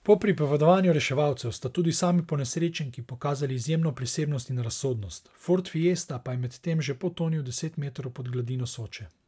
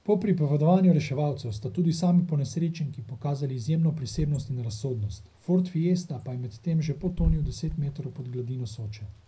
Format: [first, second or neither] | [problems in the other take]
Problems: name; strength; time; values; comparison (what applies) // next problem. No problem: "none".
first | background sound (Wind / Bird); 13 dB below the speech // room echo; dies away in 0.4 s